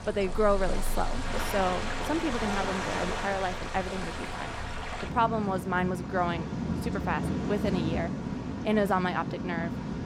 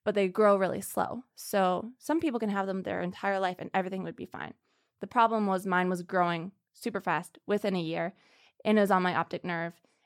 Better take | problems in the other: second | rain or running water; loud; throughout; 3 dB below the speech

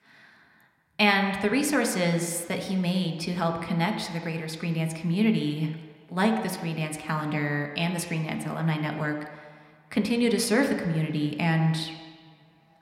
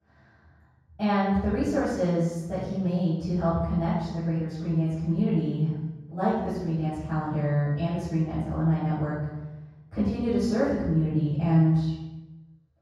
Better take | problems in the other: first | room echo; strong; dies away in 1.3 s; slight in the first // off-mic speech; far

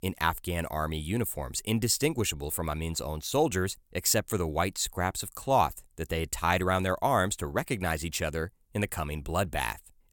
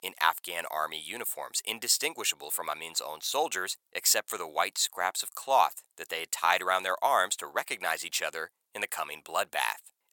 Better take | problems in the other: first | thin; very; fading below 850 Hz

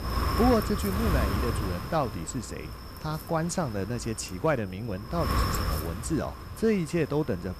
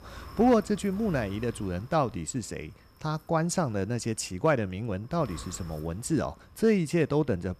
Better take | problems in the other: second | wind noise on the microphone; heavy; 4 dB below the speech; occasional gusts in the second

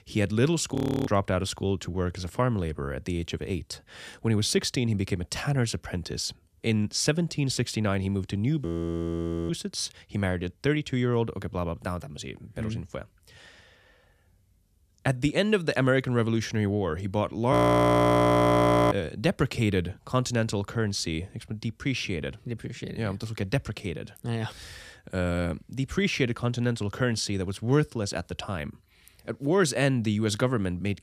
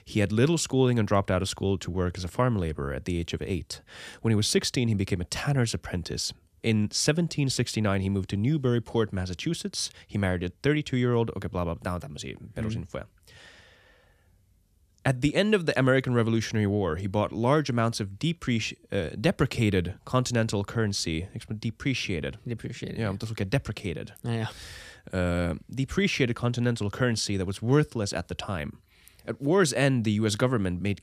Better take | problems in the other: second | audio freezing; at 1 s, at 8.5 s for 1 s and at 18 s for 1.5 s

